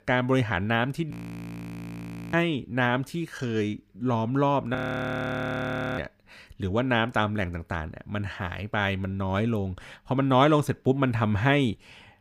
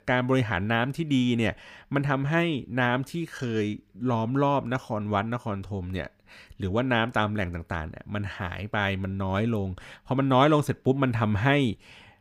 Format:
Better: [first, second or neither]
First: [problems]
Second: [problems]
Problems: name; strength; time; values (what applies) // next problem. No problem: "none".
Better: second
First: audio freezing; at 1 s for 1 s and at 5 s for 1 s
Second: none